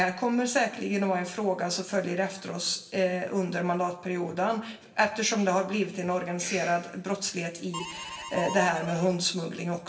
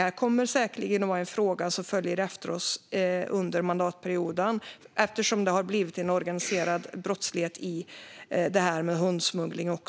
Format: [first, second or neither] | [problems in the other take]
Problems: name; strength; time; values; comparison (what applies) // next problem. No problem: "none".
second | background sound (Harmonica); 10 dB below the speech // room echo; dies away in 0.8 s